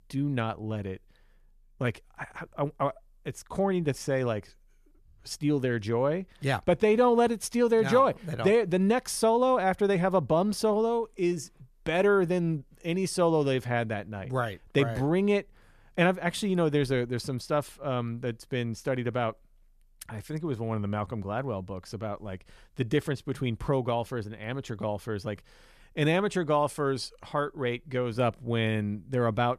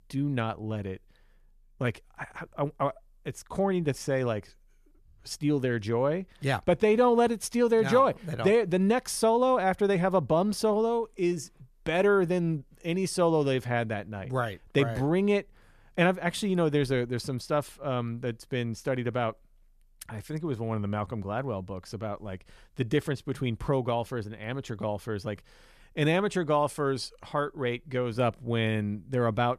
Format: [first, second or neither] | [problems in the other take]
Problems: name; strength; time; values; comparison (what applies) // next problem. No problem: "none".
neither | none